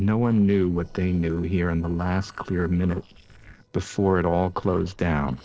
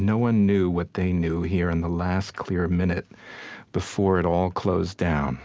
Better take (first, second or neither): second